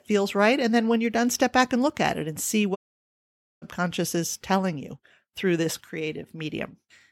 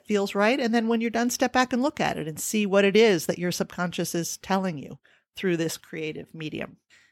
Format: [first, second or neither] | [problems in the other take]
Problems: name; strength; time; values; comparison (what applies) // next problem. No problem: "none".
second | audio cutting out; at 3 s for 1 s